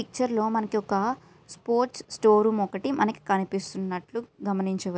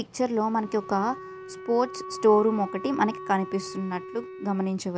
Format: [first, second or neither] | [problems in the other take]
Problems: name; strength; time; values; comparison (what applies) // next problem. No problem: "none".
first | background sound (Wind instrument, woodwind instrument); 13 dB below the speech